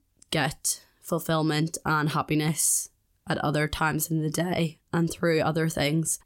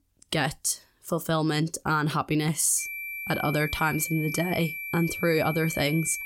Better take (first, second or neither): first